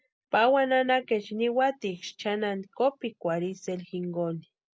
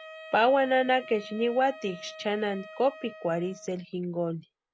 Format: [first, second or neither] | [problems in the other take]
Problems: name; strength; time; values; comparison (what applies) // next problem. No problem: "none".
first | background sound (Wind instrument, woodwind instrument); 18 dB below the speech